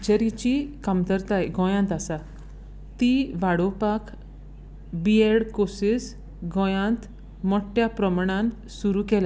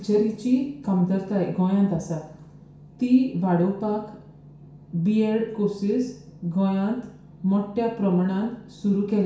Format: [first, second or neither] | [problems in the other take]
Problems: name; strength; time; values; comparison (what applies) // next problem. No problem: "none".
first | room echo; dies away in 0.6 s